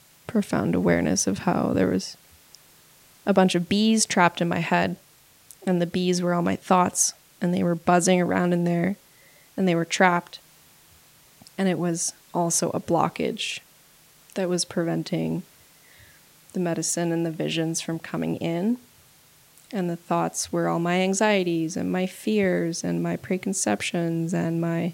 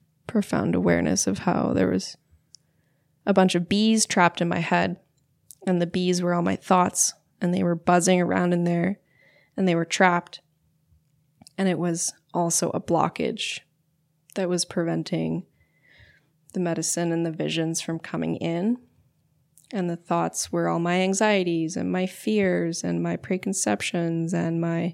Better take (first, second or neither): second